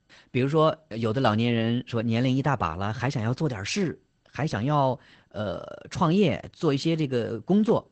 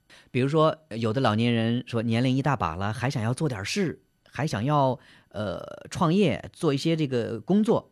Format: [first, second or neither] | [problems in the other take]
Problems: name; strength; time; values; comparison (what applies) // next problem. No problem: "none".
second | garbled, watery; badly; nothing above 8 kHz